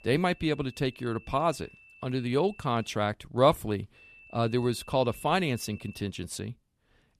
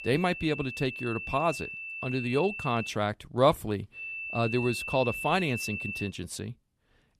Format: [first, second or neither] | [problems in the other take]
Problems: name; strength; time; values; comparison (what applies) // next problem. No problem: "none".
first | high-pitched whine; loud; until 3 s and from 4 to 6 s; 2.5 kHz, 6 dB below the speech; faint in the first